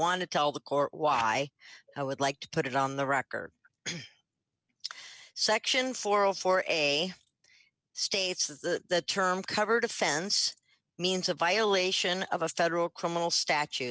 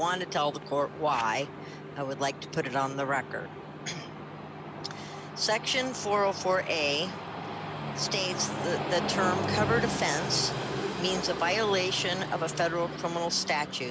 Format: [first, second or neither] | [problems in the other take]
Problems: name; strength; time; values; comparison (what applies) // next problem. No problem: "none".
first | background sound (Train); 5 dB below the speech